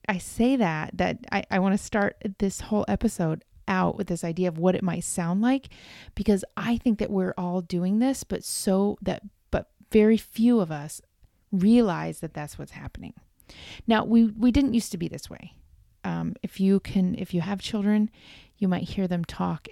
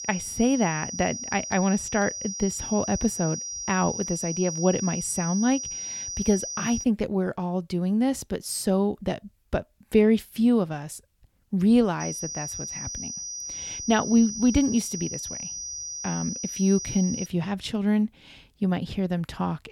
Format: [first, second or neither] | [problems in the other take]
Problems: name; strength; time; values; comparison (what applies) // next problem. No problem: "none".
first | high-pitched whine; loud; until 7 s and from 12 to 17 s; 6 kHz, 6 dB below the speech